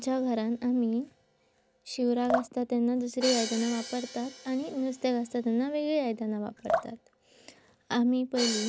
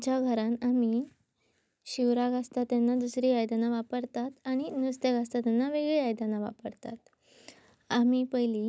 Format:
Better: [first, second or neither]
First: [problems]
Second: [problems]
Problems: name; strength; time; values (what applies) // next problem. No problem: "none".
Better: second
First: background sound (Crash cymbal + Drip); 8 dB below the speech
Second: none